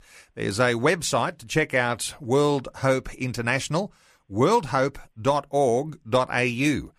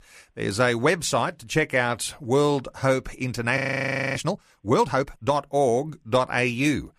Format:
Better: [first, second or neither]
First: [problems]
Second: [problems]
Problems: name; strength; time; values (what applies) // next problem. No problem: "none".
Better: first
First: none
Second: audio freezing; at 3.5 s for 0.5 s